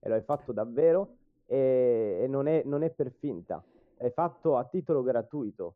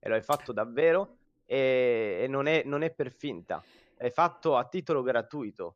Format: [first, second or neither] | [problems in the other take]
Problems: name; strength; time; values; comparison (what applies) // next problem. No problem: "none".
second | muffled; very; fading above 1.5 kHz